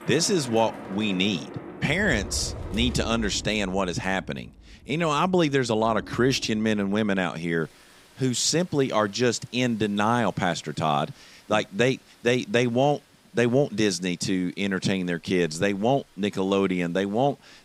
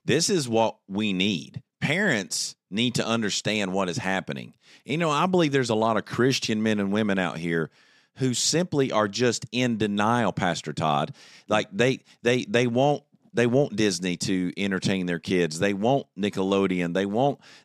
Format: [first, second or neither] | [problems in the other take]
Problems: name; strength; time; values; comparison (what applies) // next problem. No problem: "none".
second | rain or running water; noticeable; throughout; 15 dB below the speech